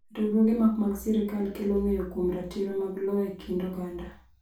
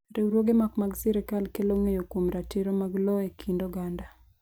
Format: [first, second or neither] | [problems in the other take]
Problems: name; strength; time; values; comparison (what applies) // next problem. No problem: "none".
second | room echo; dies away in 0.3 s